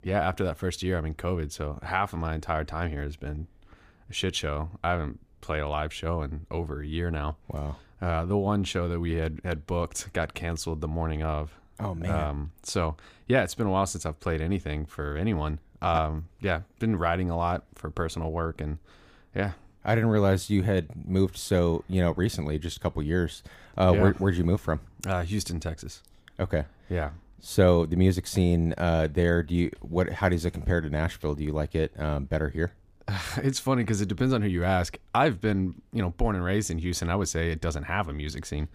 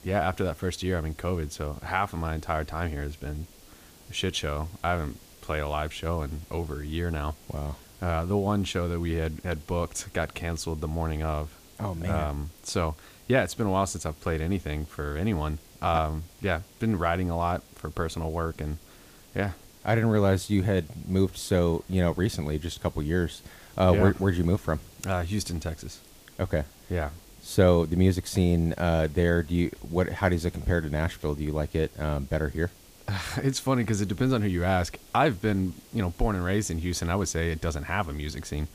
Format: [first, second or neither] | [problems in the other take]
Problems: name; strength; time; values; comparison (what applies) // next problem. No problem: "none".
first | hiss; faint; throughout; 25 dB below the speech